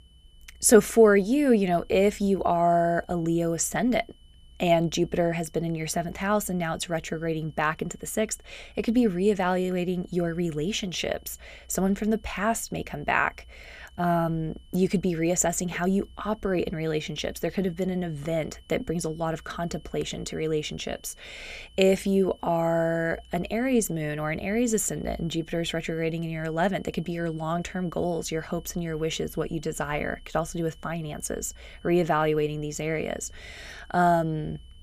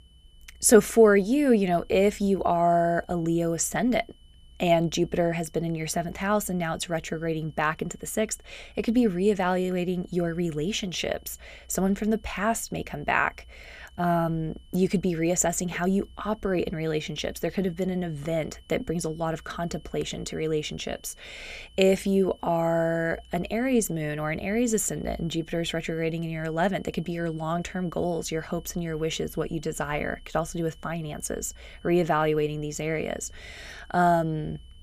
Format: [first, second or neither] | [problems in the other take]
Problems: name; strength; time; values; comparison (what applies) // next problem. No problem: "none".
neither | high-pitched whine; faint; throughout; 3 kHz, 30 dB below the speech; the same in both